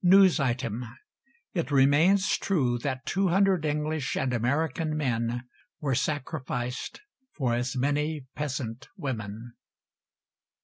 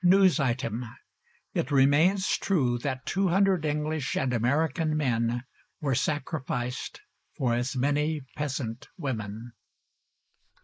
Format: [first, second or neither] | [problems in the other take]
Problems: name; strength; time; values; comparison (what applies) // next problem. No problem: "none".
first | noise reduction (neural mask model Resemble Enhance denoiser)